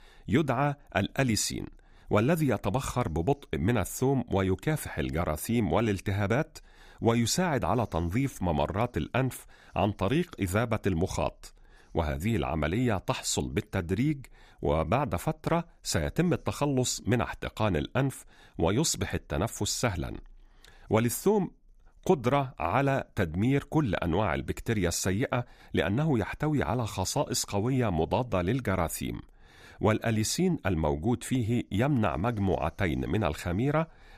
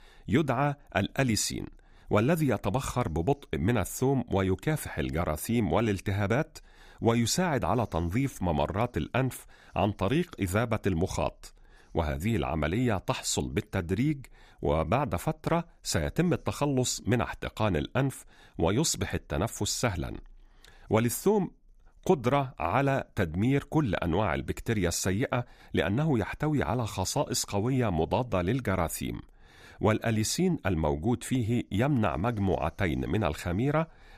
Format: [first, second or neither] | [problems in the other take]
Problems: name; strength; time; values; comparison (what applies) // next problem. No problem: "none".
neither | none